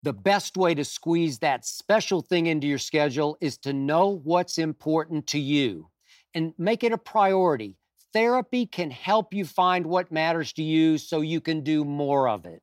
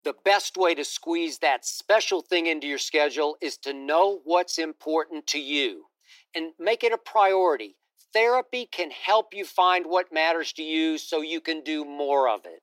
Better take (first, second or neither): first